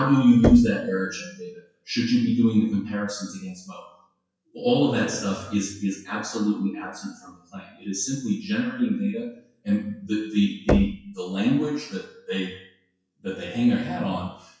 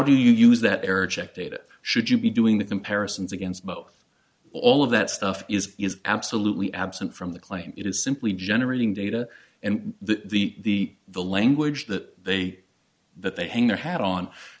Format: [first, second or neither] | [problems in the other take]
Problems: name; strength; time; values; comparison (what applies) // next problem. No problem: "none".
second | noise reduction (classical method WPE with log-MMSE)